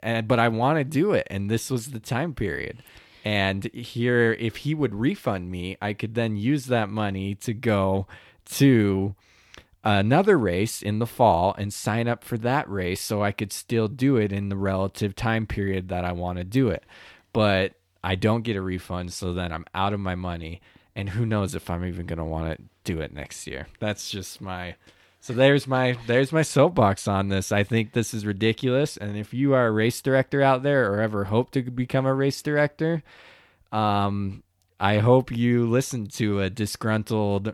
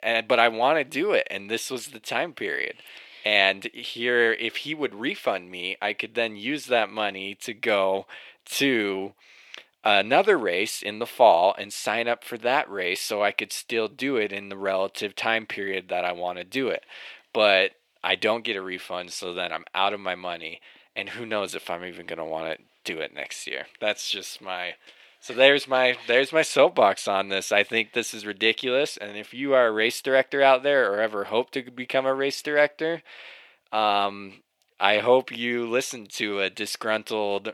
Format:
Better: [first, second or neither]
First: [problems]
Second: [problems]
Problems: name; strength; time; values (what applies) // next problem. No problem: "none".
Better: first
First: none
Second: thin; somewhat; fading below 450 Hz